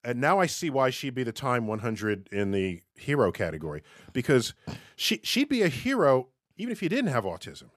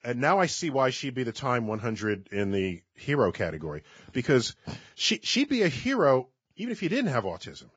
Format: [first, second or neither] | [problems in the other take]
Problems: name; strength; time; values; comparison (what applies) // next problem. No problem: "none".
first | garbled, watery; badly; nothing above 7.5 kHz